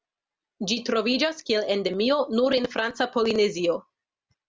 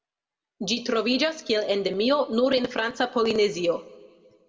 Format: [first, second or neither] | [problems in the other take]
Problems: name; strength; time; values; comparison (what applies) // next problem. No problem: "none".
first | room echo; dies away in 0.8 s